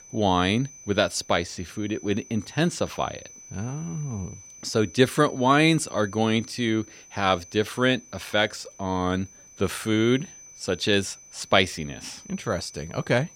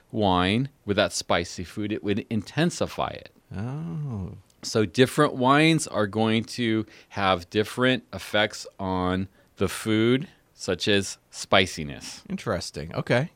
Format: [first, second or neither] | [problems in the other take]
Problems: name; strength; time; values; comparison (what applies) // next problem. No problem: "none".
second | high-pitched whine; noticeable; throughout; 6 kHz, 20 dB below the speech